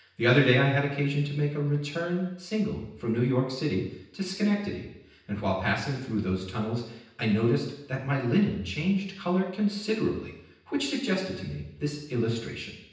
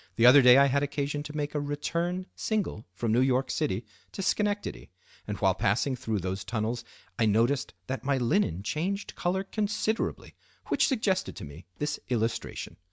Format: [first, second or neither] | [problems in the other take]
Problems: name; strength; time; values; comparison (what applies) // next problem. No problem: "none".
second | room echo; dies away in 0.9 s